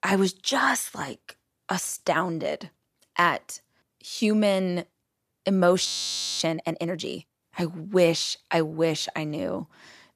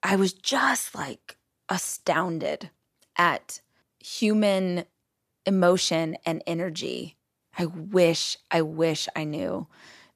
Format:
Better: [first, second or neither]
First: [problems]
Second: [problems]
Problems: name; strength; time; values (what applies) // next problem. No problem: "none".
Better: second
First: audio freezing; at 6 s for 0.5 s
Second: none